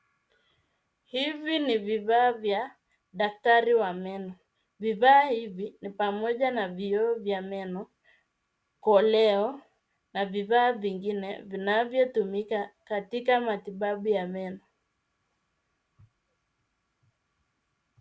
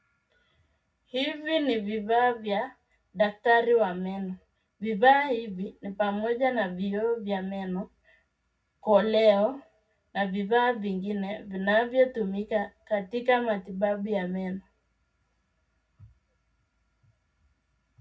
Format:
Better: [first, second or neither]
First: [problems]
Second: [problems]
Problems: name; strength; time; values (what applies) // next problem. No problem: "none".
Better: first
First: none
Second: room echo; dies away in 0.4 s